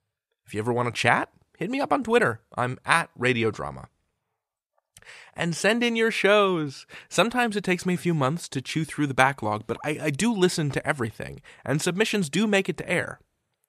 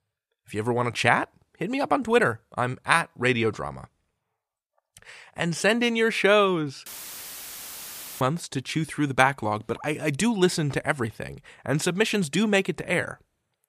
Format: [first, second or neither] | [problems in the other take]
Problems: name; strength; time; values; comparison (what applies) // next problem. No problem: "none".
first | audio cutting out; filled with static; at 7 s for 1.5 s